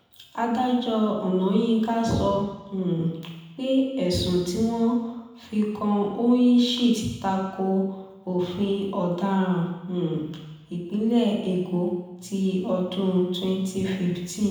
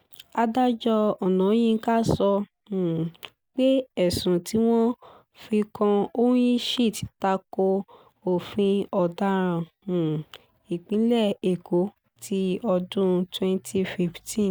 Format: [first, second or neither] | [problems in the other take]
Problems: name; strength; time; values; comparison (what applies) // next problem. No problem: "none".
second | room echo; dies away in 1 s